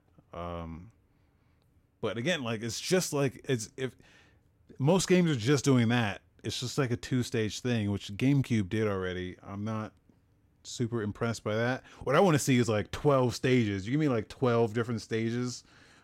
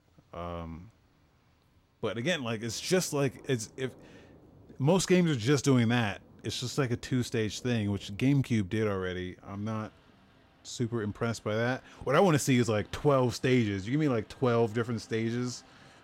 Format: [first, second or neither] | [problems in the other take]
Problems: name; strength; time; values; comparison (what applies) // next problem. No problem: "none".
first | rain or running water; faint; throughout; 30 dB below the speech